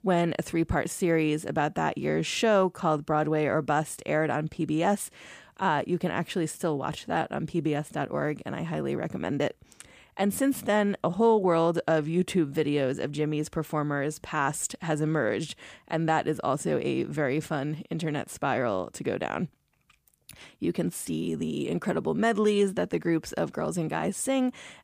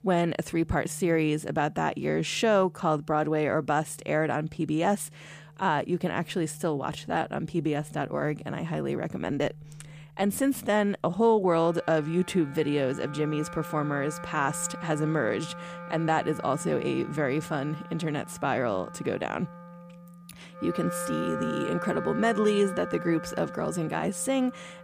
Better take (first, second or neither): first